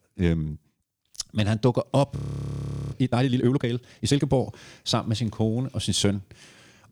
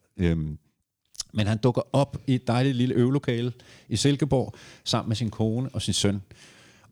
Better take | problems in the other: second | audio freezing; at 2 s for 1 s

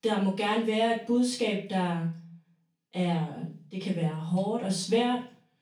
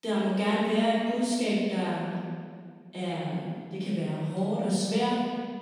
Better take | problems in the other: first | room echo; strong; dies away in 1.9 s; slight in the first // off-mic speech; far; far in the first

